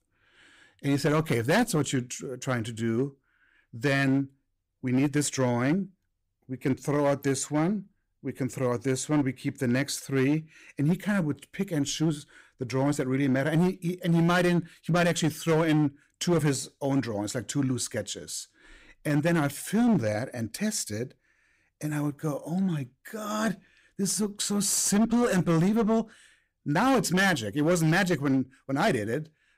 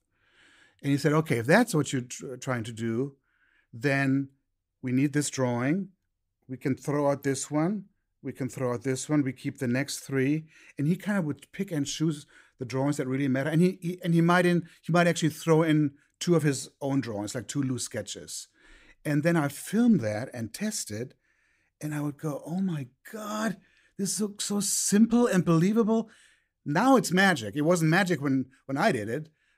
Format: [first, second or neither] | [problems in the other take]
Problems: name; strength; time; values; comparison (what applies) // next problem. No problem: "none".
second | distortion; slight; 8% of the sound clipped